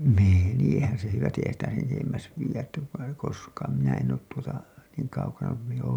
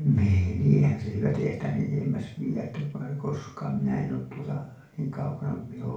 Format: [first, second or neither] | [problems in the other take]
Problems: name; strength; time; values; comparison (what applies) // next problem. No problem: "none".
first | room echo; dies away in 0.4 s